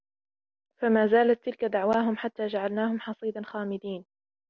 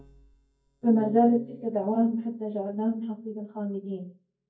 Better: first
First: none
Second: noise reduction (neural mask model DeepFilterNet 3)

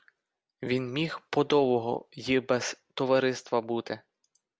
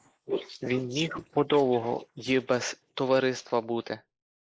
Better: first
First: none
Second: noise reduction (neural mask model Resemble Enhance denoiser)

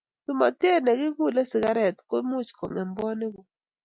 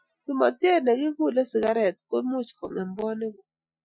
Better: first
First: none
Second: noise reduction (classical method Wiener filter)

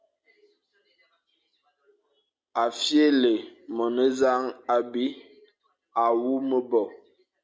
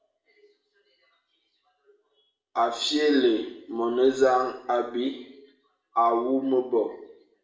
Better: first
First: none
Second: room echo; dies away in 0.7 s

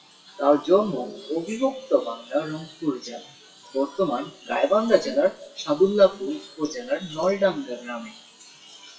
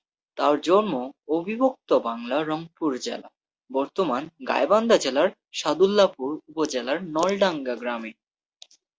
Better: second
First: noise reduction (classical method WPE with log-MMSE)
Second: none

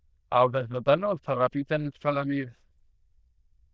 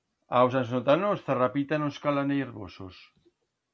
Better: second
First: noise reduction (neural diffusion model UNIVERSE++)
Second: none

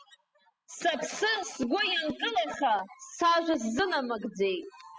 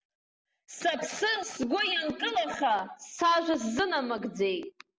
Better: second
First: noise reduction (classical method spectral subtraction)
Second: none

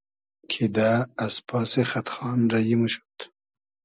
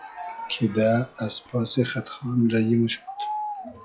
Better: first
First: none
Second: noise reduction (classical method log-MMSE)

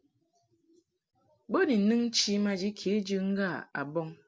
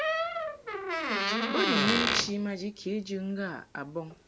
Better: first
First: none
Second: background sound (Door); 2 dB above the speech

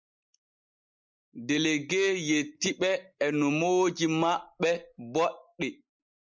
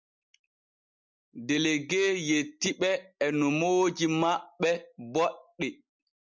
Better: second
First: noise reduction (neural mask model Resemble Enhance denoiser)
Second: none

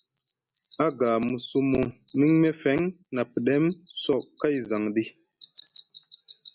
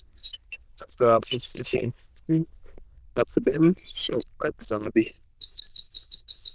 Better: first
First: none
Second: noise reduction (neural diffusion model UNIVERSE++)

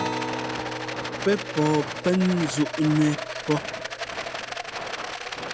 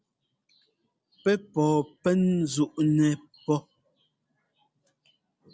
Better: second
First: background sound (Acoustic guitar + Rattle); 5 dB below the speech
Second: none

